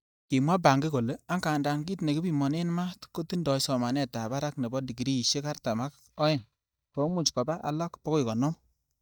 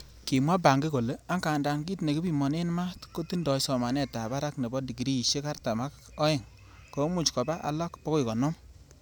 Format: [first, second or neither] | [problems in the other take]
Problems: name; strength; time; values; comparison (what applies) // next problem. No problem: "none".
second | noise reduction (neural mask model DeepFilterNet 3)